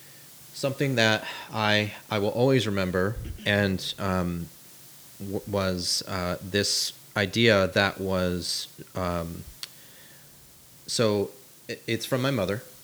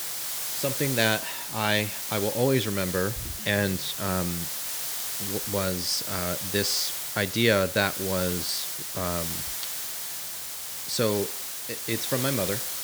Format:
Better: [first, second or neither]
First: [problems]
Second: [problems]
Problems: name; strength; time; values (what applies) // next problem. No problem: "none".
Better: first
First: hiss; faint; throughout; 20 dB below the speech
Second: hiss; loud; throughout; 2 dB below the speech